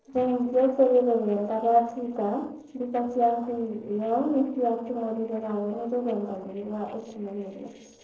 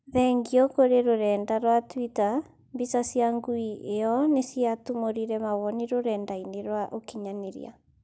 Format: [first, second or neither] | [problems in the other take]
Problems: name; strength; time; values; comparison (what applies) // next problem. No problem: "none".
second | noise reduction (neural separator model SepFormer DNS4)